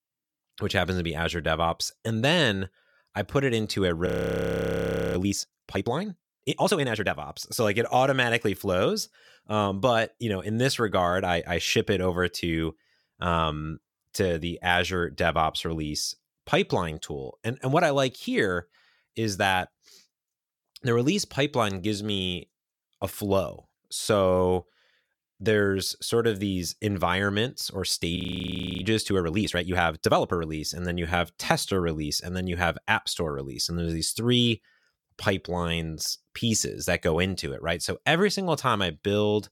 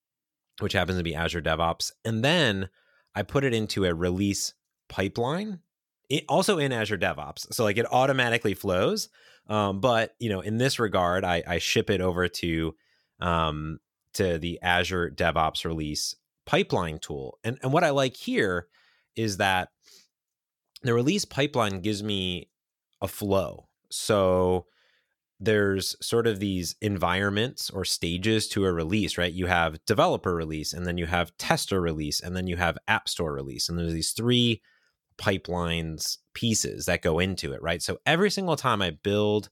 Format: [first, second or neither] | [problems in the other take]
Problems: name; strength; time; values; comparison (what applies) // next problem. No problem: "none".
second | audio freezing; at 4 s for 1 s and at 28 s for 0.5 s